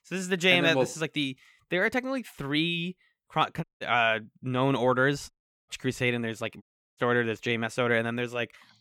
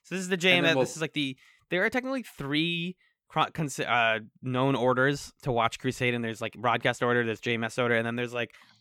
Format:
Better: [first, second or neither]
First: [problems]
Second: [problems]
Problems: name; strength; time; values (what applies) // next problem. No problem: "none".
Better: second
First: audio cutting out; at 3.5 s, at 5.5 s and at 6.5 s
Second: none